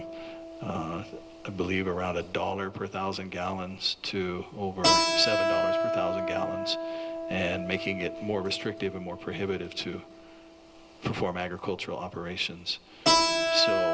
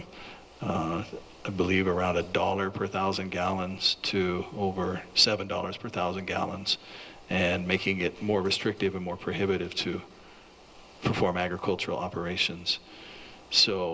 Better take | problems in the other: second | background sound (Keyboard (musical)); 1 dB above the speech

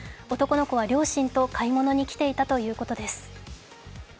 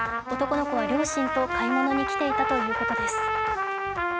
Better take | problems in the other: first | background sound (Trumpet); 1 dB above the speech

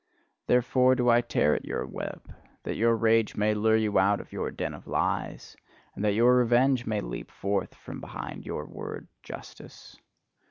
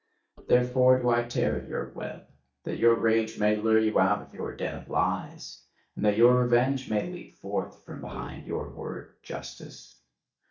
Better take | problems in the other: first | noise reduction (neural mask model DeepFilterNet 3)

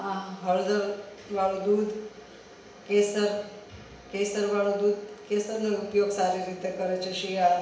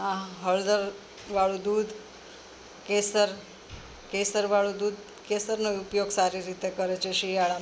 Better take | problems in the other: second | room echo; dies away in 0.8 s

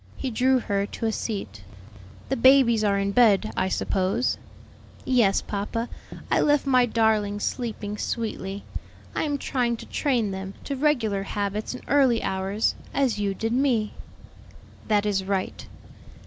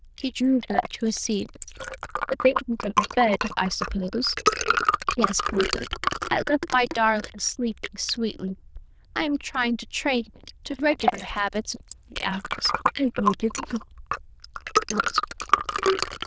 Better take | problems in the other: first | noise reduction (neural diffusion model UNIVERSE++)

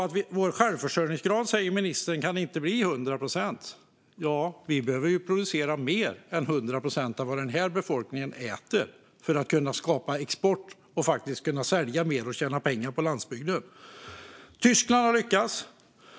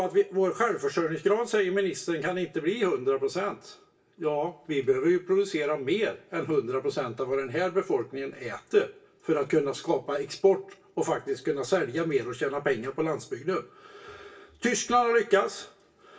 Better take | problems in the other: first | room echo; dies away in 0.2 s

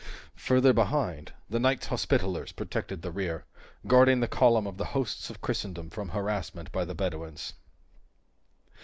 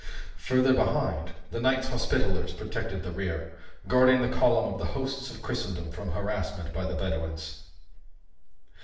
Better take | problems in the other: first | room echo; dies away in 0.7 s

